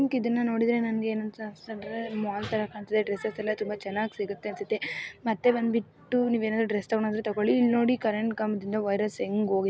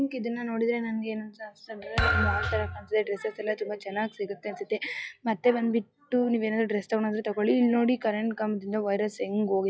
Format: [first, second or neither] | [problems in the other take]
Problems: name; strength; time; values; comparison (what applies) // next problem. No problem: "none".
first | noise reduction (classical method log-MMSE)